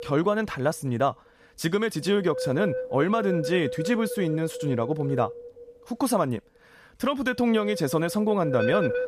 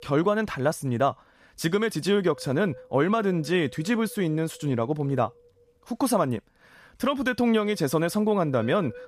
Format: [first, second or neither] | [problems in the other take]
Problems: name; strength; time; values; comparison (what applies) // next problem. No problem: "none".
second | wind noise on the microphone; heavy; 5 dB below the speech; occasional gusts in the second